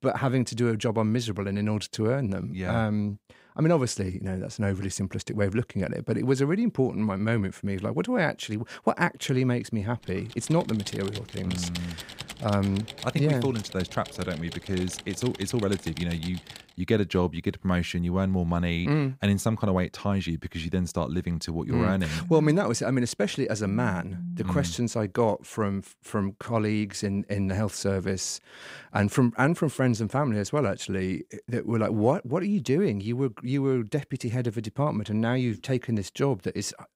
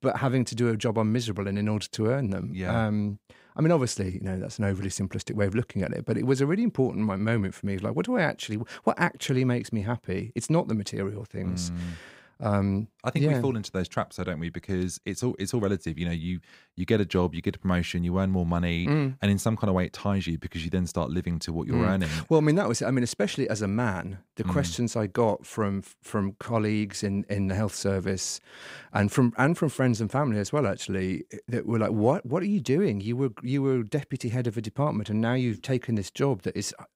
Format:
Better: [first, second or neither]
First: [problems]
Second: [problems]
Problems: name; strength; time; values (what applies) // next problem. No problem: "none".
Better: second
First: keyboard typing; noticeable; from 10 to 17 s; peak 9 dB below the speech // phone ringing; noticeable; from 22 to 25 s; peak 8 dB below the speech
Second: none